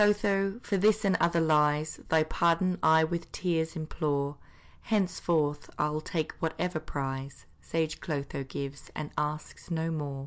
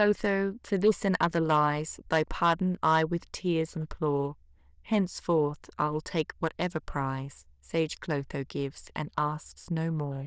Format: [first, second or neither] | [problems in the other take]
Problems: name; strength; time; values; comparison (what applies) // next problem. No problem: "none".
first | noise reduction (neural diffusion model UNIVERSE++)